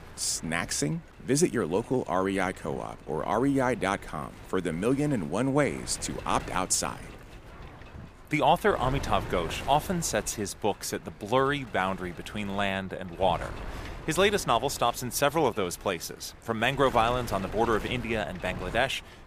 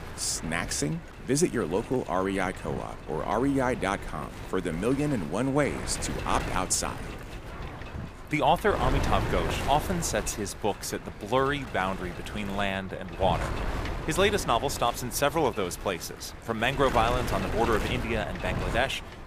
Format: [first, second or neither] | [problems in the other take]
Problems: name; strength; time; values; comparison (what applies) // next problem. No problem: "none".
first | wind noise on the microphone; heavy; 10 dB below the speech; occasional gusts in the first